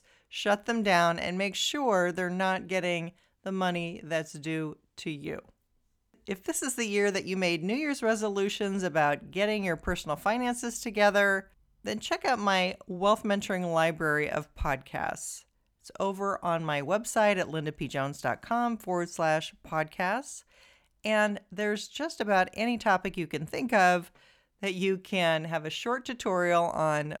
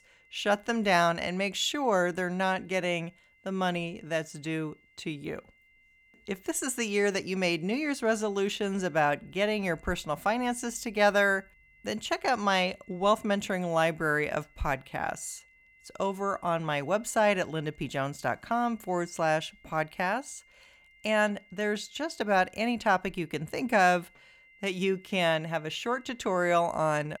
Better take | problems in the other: first | high-pitched whine; faint; throughout; 2 kHz, 30 dB below the speech

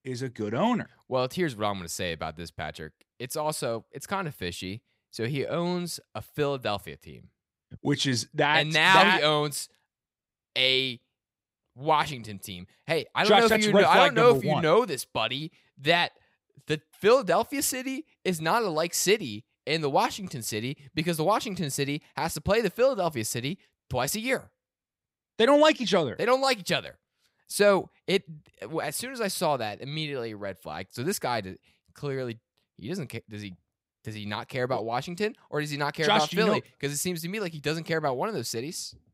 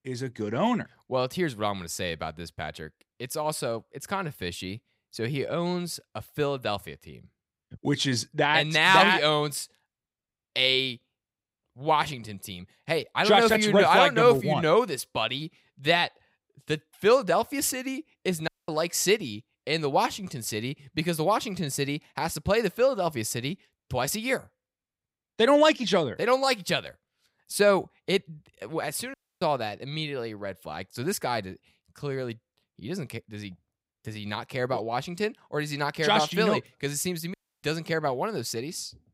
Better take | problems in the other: first | audio cutting out; at 18 s, at 29 s and at 37 s

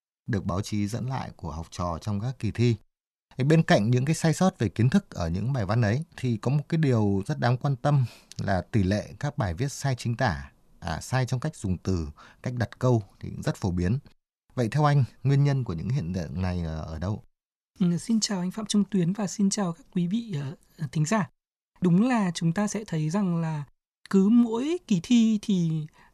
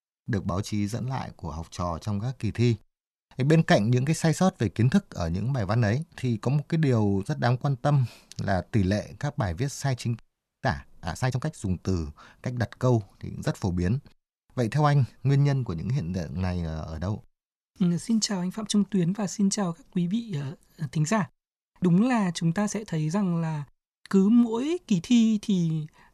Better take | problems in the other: first | audio freezing; at 10 s

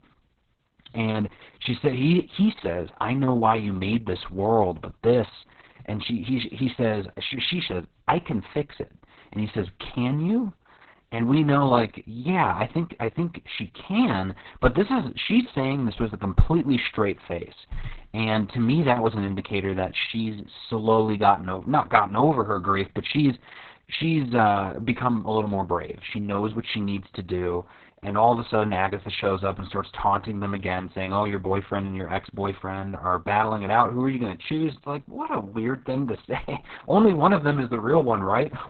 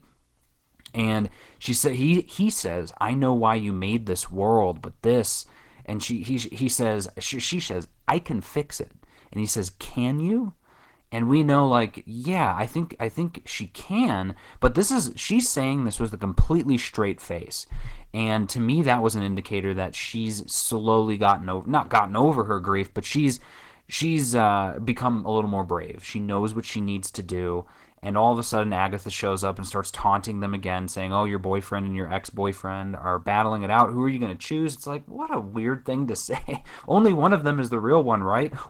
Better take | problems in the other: second | garbled, watery; badly; nothing above 4 kHz; slightly in the second

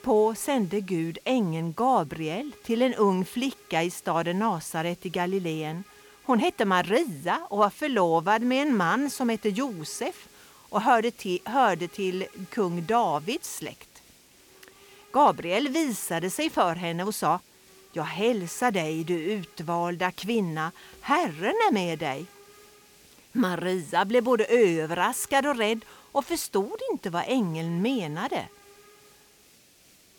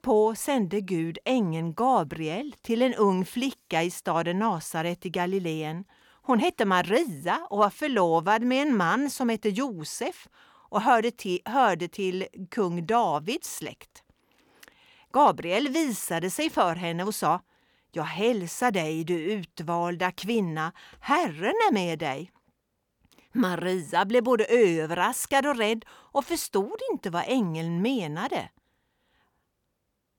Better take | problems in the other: second | hiss; faint; throughout; 25 dB below the speech

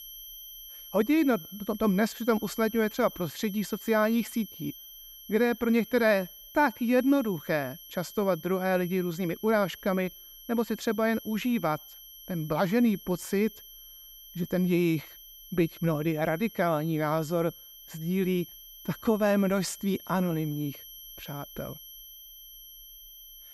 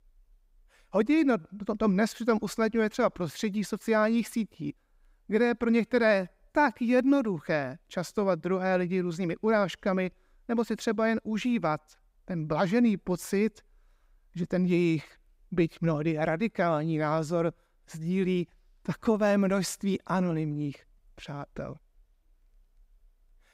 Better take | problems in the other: second | high-pitched whine; noticeable; throughout; 11.5 kHz, 15 dB below the speech

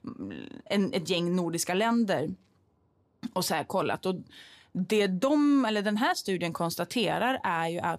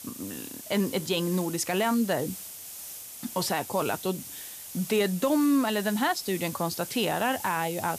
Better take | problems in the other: first | hiss; noticeable; throughout; 10 dB below the speech

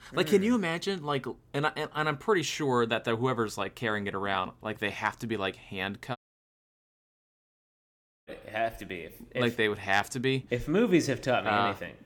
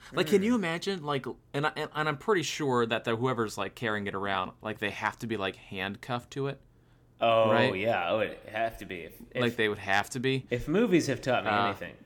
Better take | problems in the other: second | audio cutting out; at 6 s for 2 s

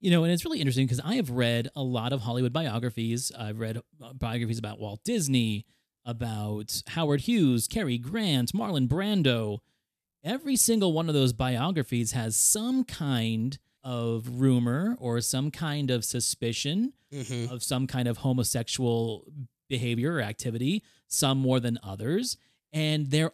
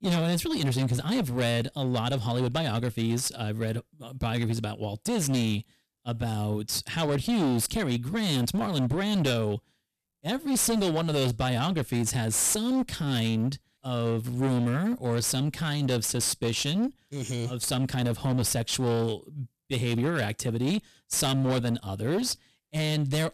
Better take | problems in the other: first | distortion; heavy; 20% of the sound clipped

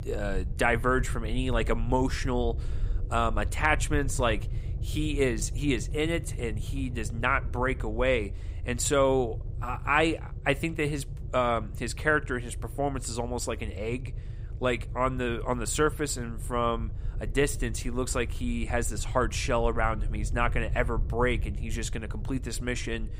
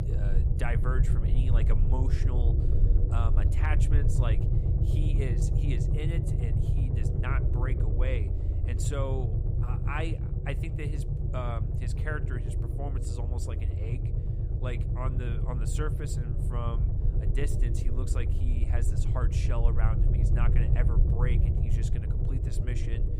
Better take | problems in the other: first | low rumble; loud; throughout; 2 dB below the speech; faint in the first

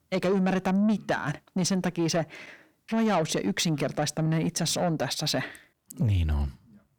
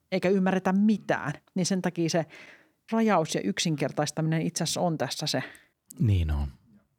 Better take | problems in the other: second | distortion; slight; 10 dB below the speech

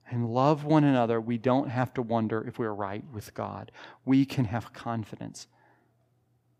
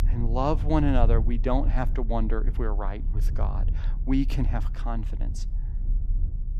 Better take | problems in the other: first | low rumble; noticeable; throughout; 15 dB below the speech

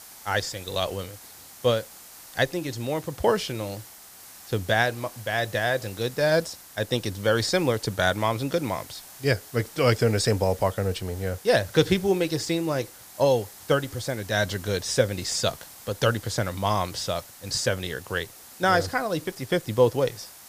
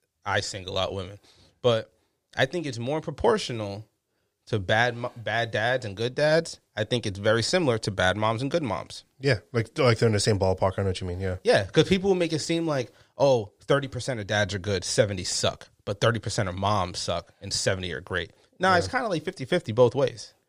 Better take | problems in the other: second | hiss; noticeable; throughout; 20 dB below the speech

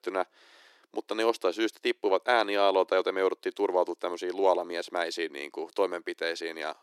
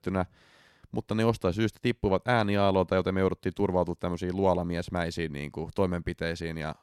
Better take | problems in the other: second | thin; very; fading below 350 Hz

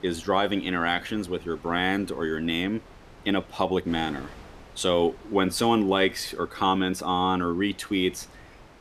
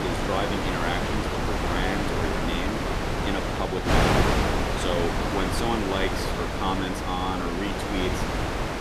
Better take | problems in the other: first | wind noise on the microphone; heavy; 4 dB above the speech; occasional gusts in the first

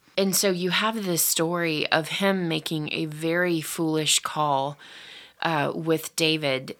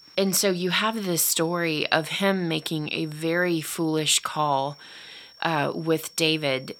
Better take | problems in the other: first | high-pitched whine; faint; throughout; 5.5 kHz, 25 dB below the speech

